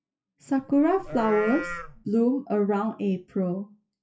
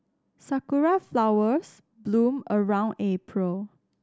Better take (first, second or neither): second